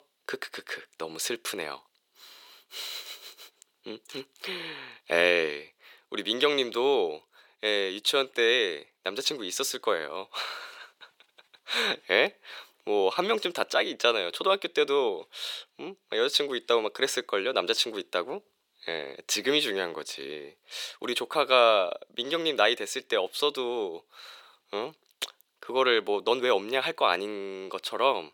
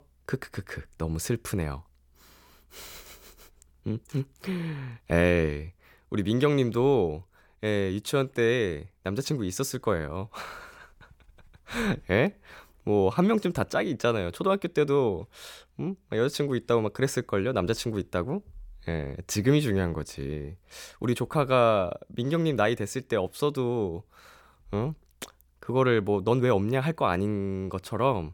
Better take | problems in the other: second | thin; very; fading below 400 Hz

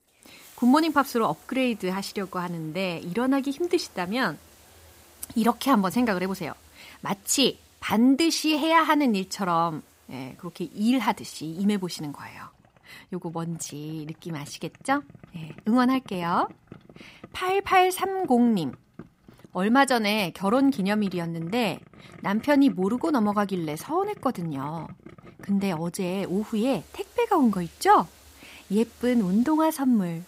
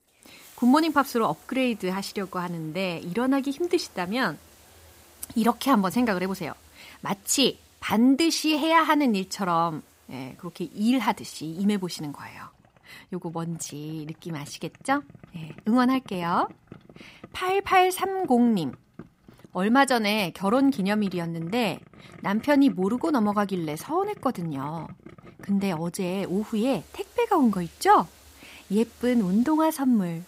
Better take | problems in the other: neither | household noises; faint; throughout; 25 dB below the speech; the same in both

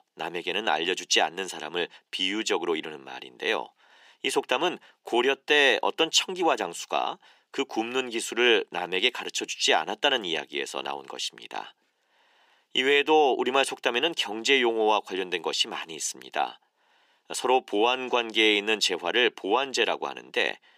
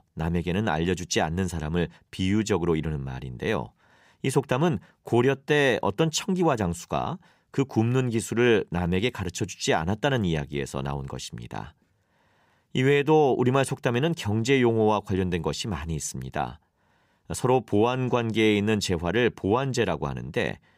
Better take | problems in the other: second | thin; very; fading below 300 Hz

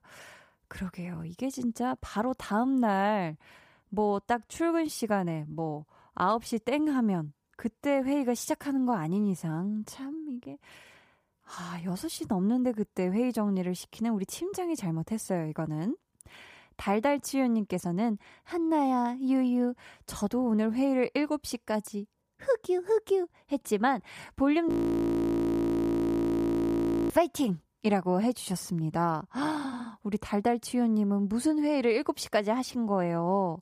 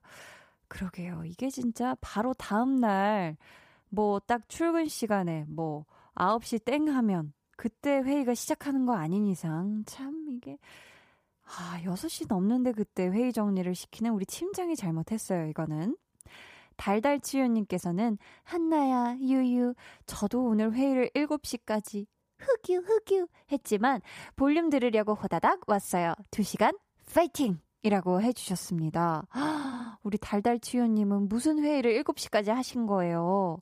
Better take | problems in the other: second | audio freezing; at 25 s for 2.5 s

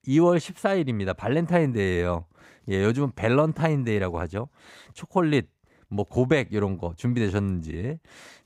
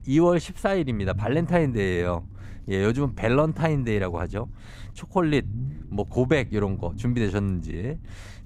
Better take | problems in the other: first | low rumble; faint; throughout; 25 dB below the speech

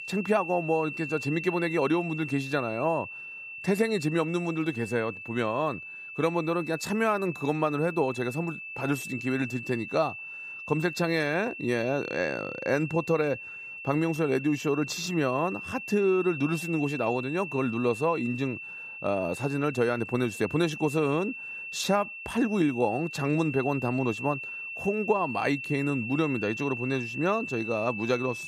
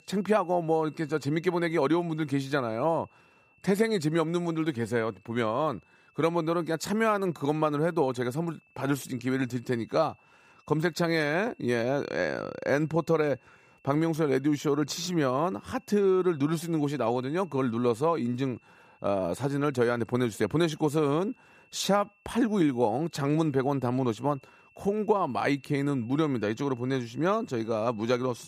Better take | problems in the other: second | high-pitched whine; loud; throughout; 2.5 kHz, 8 dB below the speech; faint in the second

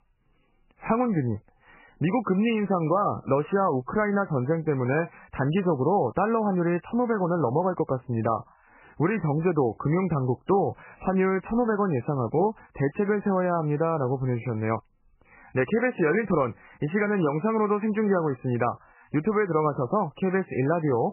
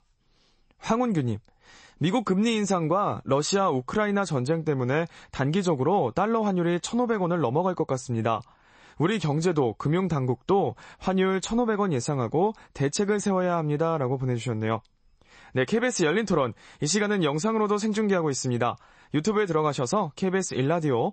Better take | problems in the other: second | garbled, watery; badly; nothing above 3 kHz; slightly in the second

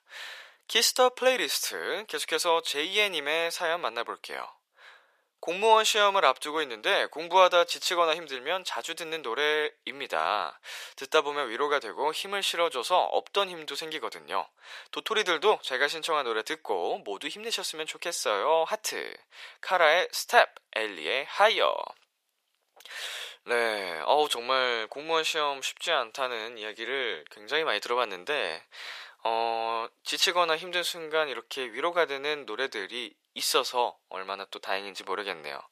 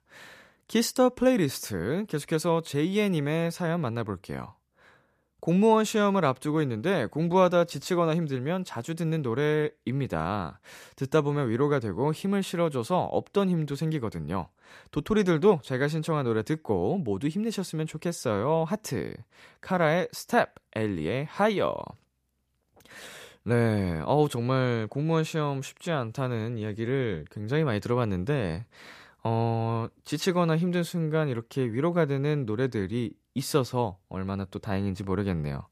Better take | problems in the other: second | thin; very; fading below 600 Hz

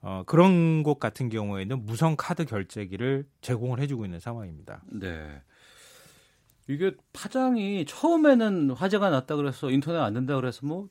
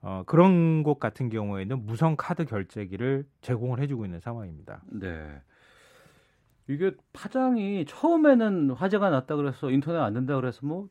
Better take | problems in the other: first | muffled; slightly; fading above 3 kHz

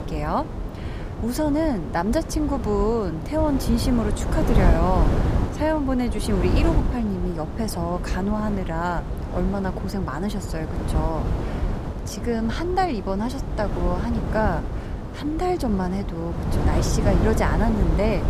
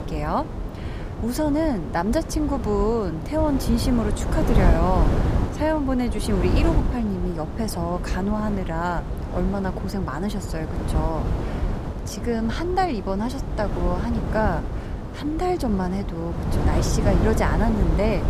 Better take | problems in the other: neither | wind noise on the microphone; heavy; 6 dB below the speech; the same in both

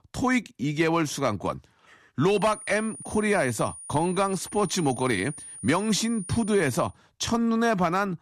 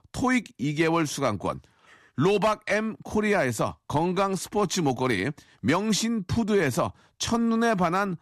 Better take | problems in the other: second | high-pitched whine; noticeable; from 2.5 to 7 s; 9.5 kHz, 15 dB below the speech

